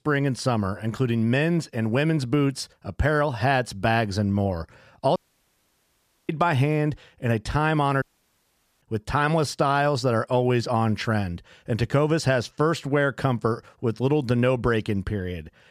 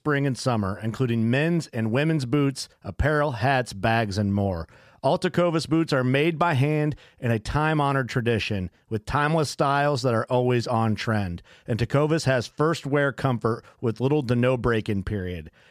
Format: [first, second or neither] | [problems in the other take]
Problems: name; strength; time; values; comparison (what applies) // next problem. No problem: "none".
second | audio cutting out; at 5 s for 1 s and at 8 s for 1 s